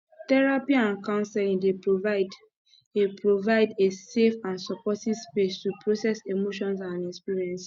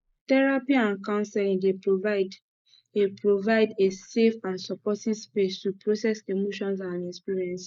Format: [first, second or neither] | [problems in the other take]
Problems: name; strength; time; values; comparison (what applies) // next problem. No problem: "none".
first | noise reduction (neural mask model Resemble Enhance denoiser)